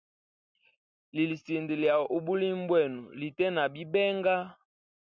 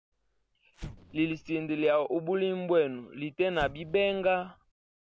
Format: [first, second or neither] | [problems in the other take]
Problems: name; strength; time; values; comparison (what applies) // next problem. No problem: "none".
first | background sound (Explosion); 19 dB below the speech